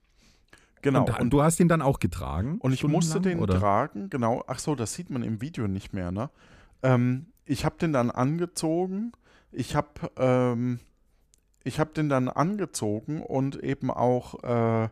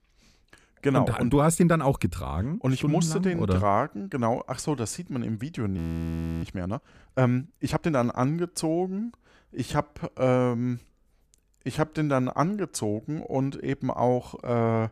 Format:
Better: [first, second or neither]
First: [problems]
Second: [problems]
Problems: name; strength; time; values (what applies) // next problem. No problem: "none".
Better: first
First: none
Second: audio freezing; at 6 s for 0.5 s